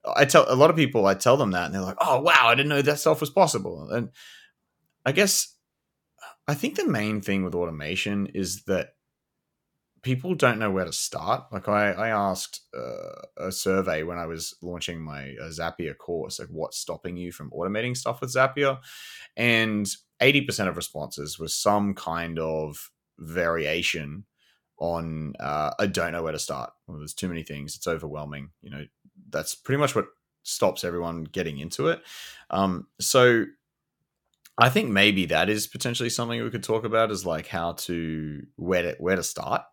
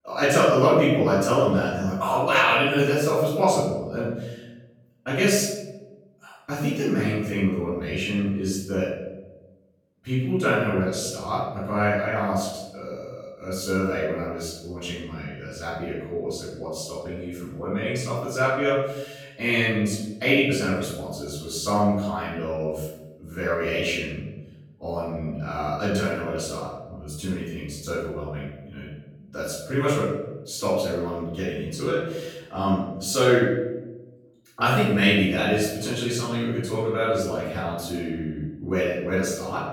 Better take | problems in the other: first | off-mic speech; far // room echo; noticeable; dies away in 1 s

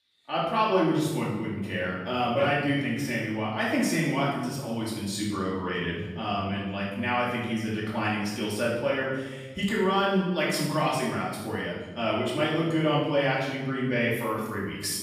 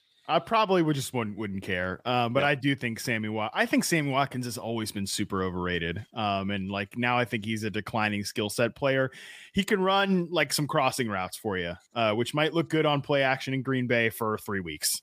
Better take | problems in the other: second | off-mic speech; far // room echo; strong; dies away in 1.1 s

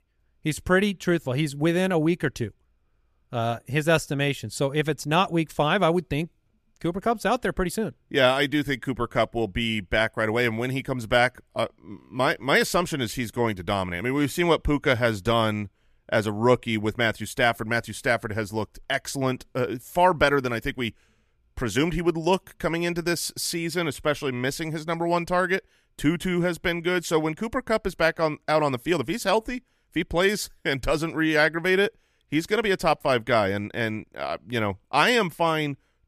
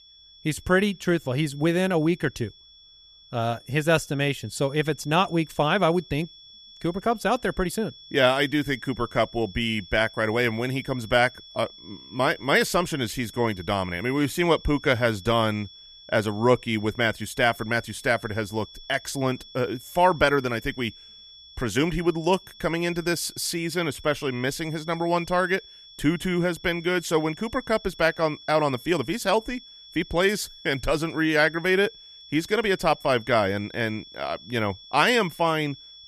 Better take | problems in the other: first | high-pitched whine; noticeable; throughout; 3.5 kHz, 20 dB below the speech

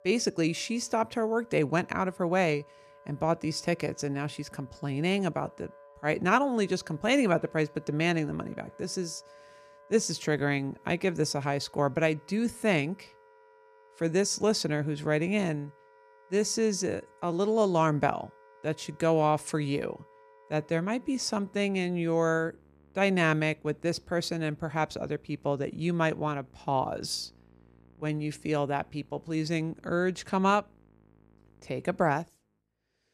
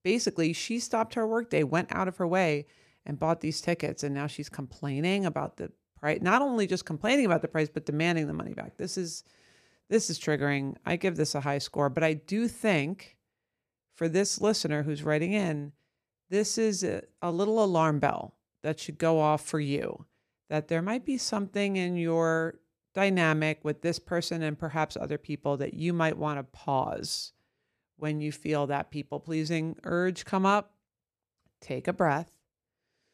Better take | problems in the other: second | background music; faint; throughout; 30 dB below the speech

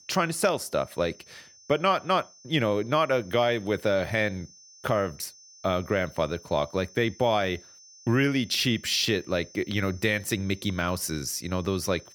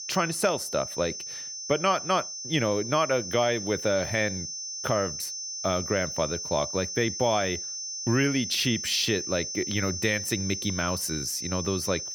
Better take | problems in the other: first | high-pitched whine; loud; throughout; 6 kHz, 5 dB below the speech; faint in the first

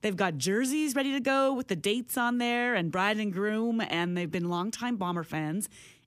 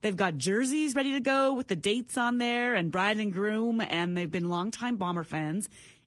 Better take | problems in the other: first | garbled, watery; slightly; nothing above 10.5 kHz

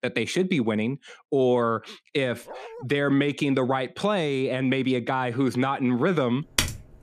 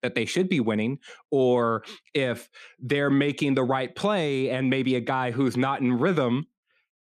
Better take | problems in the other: second | dog barking; faint; at 2.5 s; peak 15 dB below the speech // keyboard typing; noticeable; at 6.5 s; peak 1 dB below the speech

